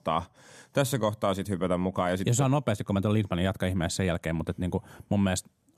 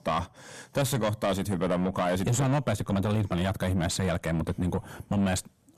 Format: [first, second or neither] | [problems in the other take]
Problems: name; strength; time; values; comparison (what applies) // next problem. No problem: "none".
first | distortion; heavy; 7 dB below the speech